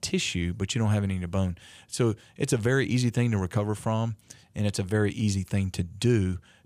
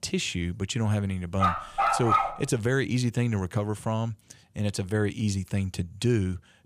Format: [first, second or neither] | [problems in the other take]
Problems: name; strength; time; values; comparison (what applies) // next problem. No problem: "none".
first | dog barking; loud; at 1.5 s; peak 6 dB above the speech